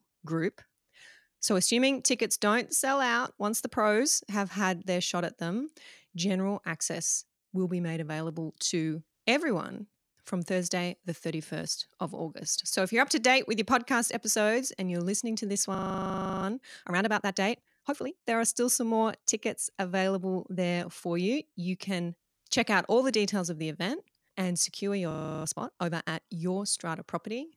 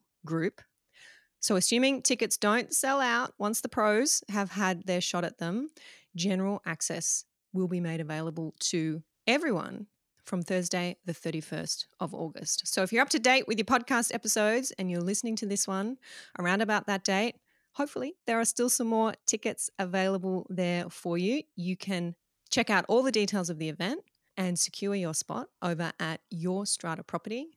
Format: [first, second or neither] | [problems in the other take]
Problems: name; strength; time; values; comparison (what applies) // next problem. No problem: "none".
second | audio freezing; at 16 s for 0.5 s and at 25 s